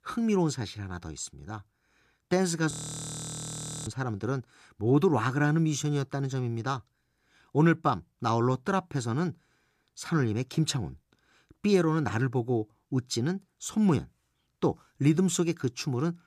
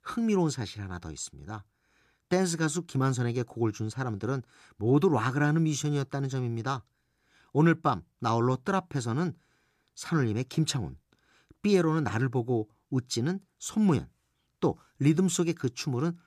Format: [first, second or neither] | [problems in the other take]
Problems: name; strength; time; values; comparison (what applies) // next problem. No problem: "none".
second | audio freezing; at 2.5 s for 1 s